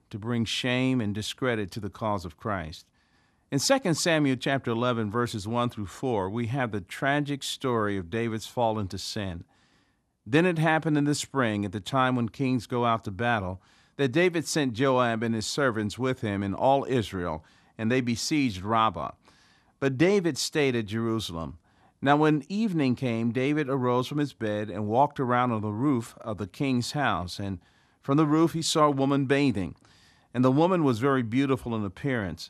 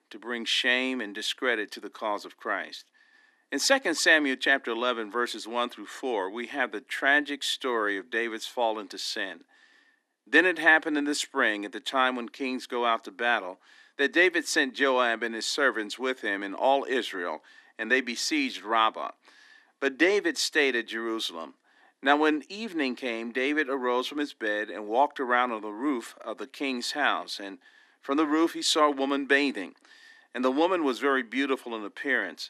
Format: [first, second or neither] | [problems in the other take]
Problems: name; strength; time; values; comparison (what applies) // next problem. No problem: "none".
first | thin; somewhat; fading below 250 Hz